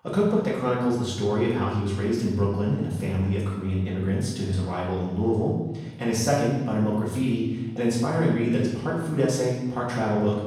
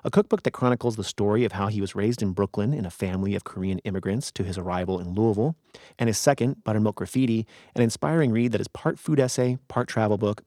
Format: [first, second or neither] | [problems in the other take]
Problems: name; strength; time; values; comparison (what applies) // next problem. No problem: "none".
second | off-mic speech; far // room echo; noticeable; dies away in 1 s